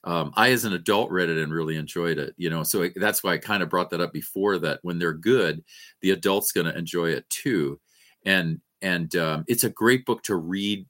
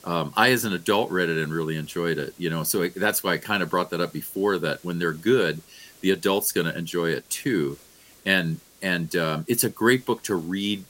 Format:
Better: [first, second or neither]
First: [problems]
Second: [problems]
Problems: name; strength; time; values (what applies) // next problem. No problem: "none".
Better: first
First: none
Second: hiss; faint; throughout; 25 dB below the speech